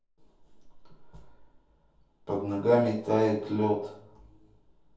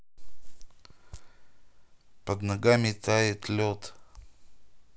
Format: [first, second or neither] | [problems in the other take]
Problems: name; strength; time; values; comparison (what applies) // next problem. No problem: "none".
second | room echo; dies away in 0.6 s